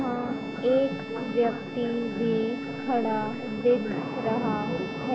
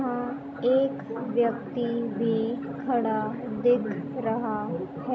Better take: second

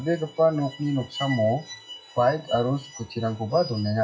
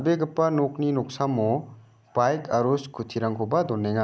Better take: second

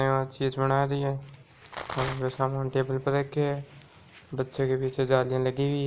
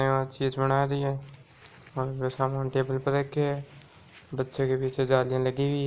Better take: second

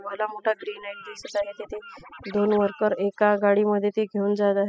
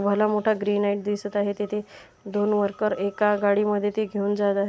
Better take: second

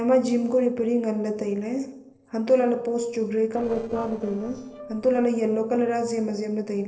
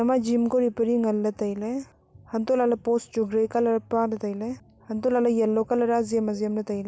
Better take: second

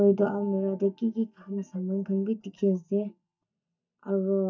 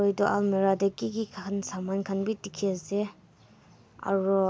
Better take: second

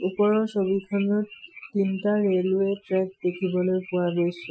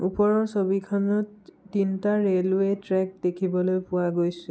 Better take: second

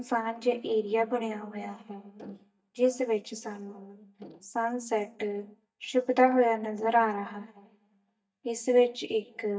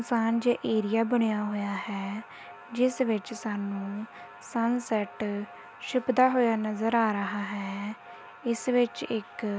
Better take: second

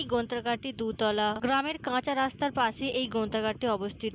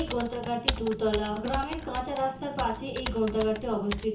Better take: first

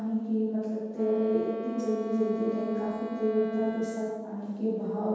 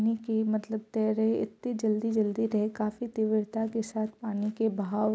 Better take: second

